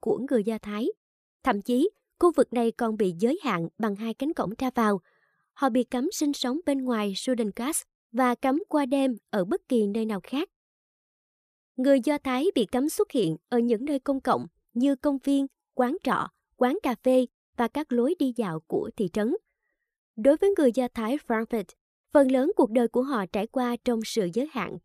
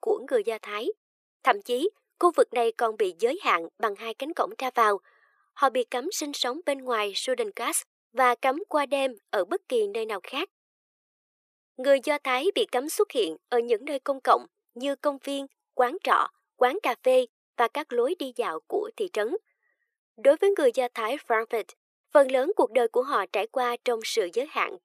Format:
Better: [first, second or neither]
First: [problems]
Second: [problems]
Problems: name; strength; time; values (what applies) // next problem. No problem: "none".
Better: first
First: none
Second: thin; very; fading below 400 Hz